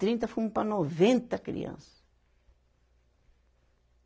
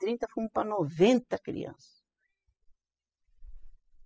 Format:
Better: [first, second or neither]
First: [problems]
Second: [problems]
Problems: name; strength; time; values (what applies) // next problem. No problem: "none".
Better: first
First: none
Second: noise reduction (classical method spectral subtraction)